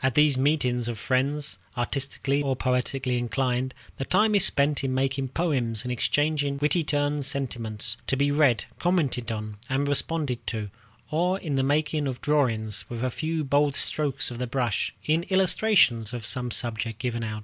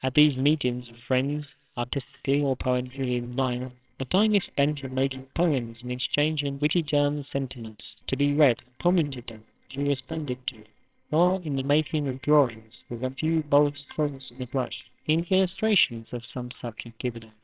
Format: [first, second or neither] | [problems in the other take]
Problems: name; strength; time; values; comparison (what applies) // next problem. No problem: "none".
first | noise reduction (neural separator model SepFormer WHAMR!)